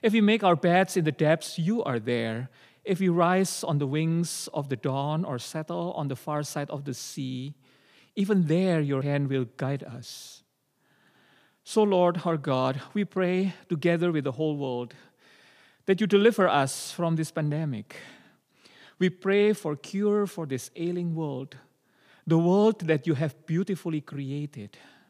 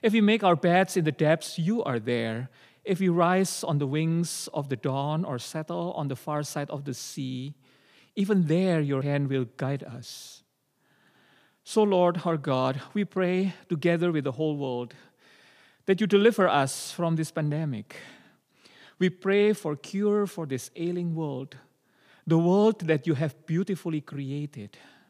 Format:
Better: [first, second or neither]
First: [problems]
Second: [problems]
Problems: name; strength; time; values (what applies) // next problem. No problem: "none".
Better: neither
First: none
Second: none